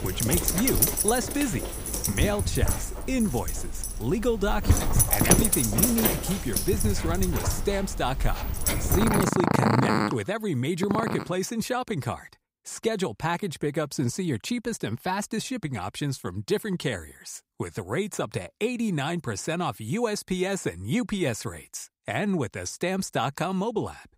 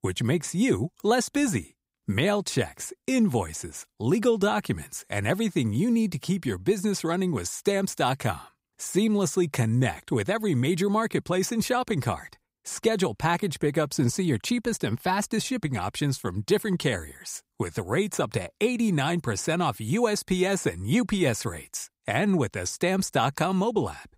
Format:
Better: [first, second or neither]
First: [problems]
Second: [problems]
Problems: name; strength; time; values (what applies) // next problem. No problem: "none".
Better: second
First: animal sounds; very loud; until 11 s; 3 dB above the speech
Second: none